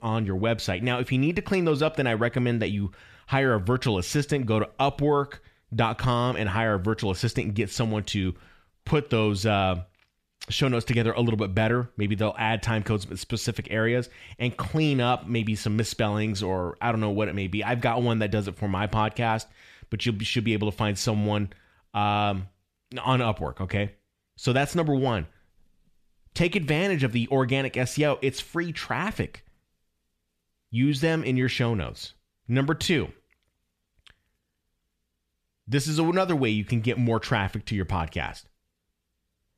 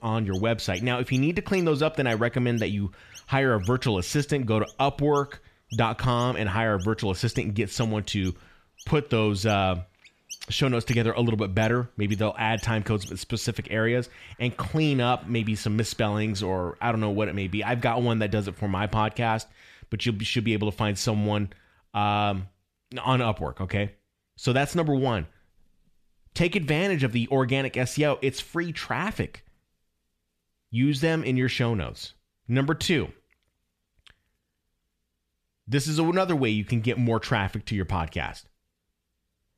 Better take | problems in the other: first | animal sounds; faint; until 19 s; 25 dB below the speech

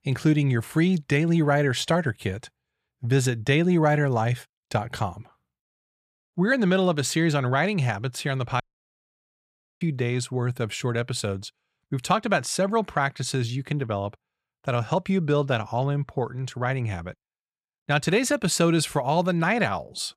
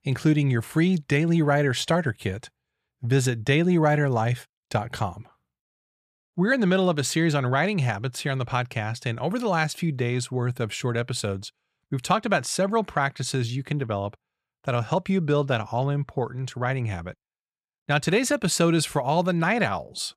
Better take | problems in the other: second | audio cutting out; at 8.5 s for 1 s

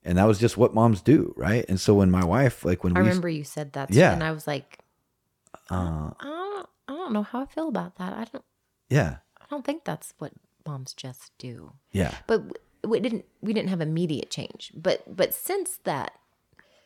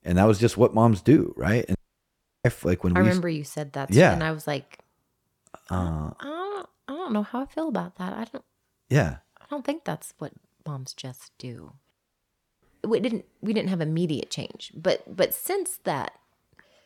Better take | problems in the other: first | audio cutting out; at 2 s for 0.5 s and at 12 s for 0.5 s

